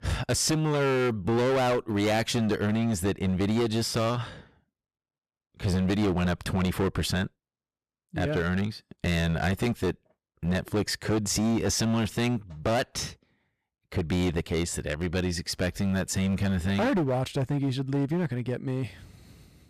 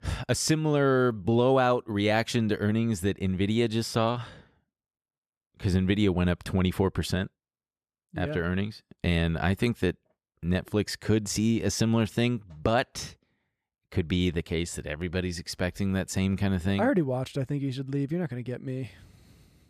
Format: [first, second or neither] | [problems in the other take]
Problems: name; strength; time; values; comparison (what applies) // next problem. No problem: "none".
second | distortion; heavy; 16% of the sound clipped